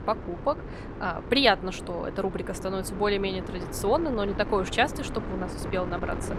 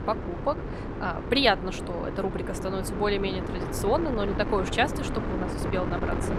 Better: first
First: wind noise on the microphone; occasional gusts; 10 dB below the speech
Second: wind noise on the microphone; heavy; 7 dB below the speech

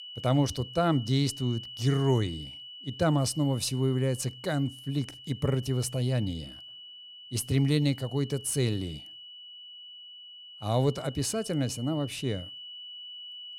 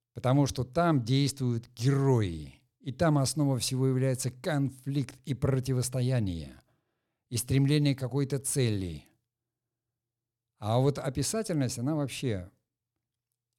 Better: second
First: high-pitched whine; noticeable; throughout; 3 kHz, 15 dB below the speech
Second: none

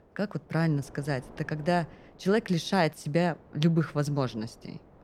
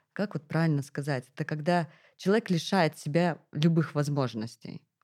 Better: second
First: wind noise on the microphone; occasional gusts; 25 dB below the speech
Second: none

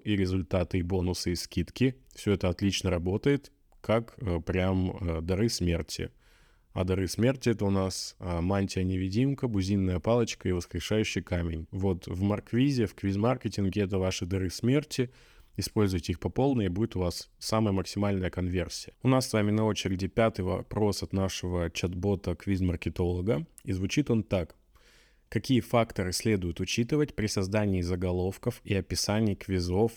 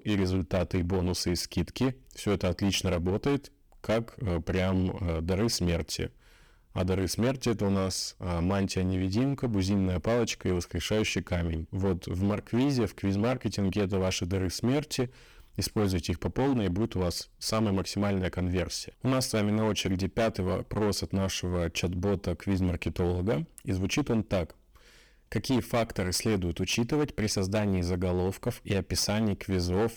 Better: first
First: none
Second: distortion; heavy; 12% of the sound clipped

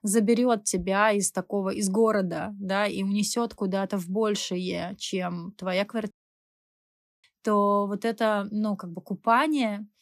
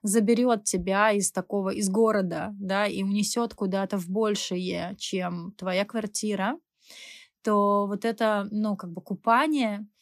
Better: second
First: audio cutting out; at 6 s for 1 s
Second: none

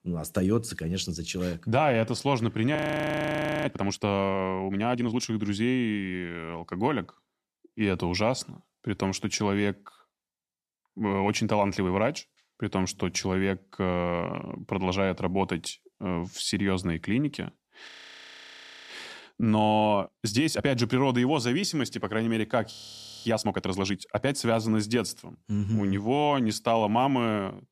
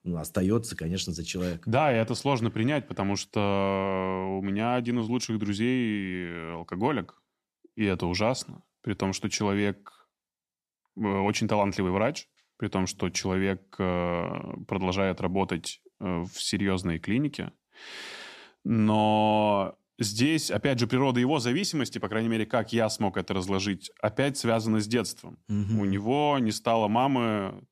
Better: second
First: audio freezing; at 3 s for 1 s, at 18 s for 1 s and at 23 s for 0.5 s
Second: none

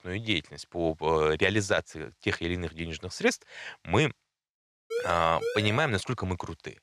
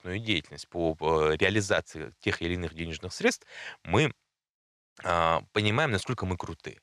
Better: second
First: siren; noticeable; at 5 s; peak 6 dB below the speech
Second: none

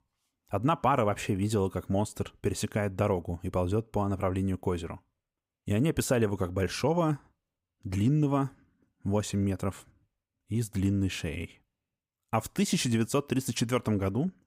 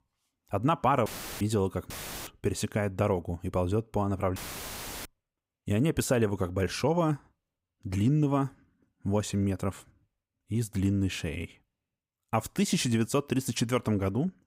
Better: first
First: none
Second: audio cutting out; filled with static; at 1 s, at 2 s and at 4.5 s for 0.5 s

